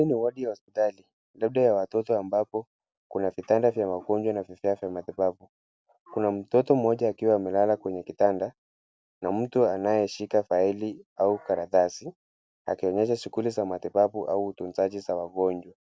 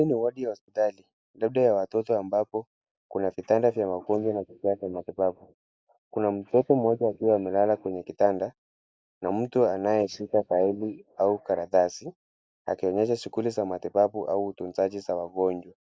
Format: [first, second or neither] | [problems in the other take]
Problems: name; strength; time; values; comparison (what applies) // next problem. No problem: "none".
first | noise reduction (neural mask model Resemble Enhance denoiser)